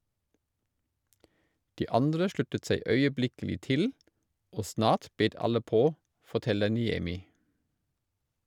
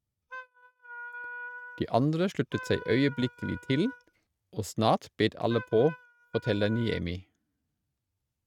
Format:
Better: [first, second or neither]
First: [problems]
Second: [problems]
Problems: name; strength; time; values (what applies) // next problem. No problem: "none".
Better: first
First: none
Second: noise reduction (neural mask model RNNoise)